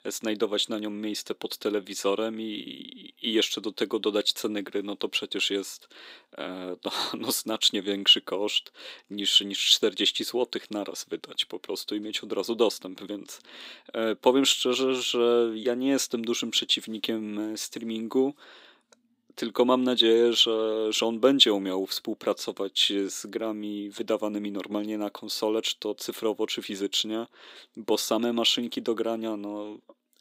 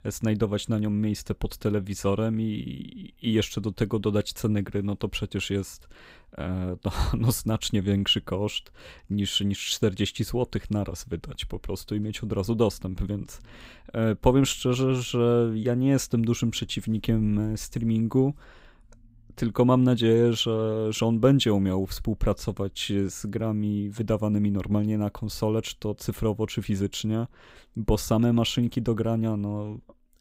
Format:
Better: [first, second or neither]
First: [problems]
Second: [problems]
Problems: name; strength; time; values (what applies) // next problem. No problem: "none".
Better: second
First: thin; somewhat; fading below 300 Hz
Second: none